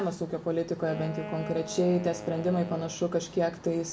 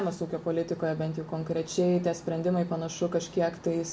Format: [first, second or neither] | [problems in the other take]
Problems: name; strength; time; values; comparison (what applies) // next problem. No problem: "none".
second | background sound (Wind instrument, woodwind instrument); 13 dB below the speech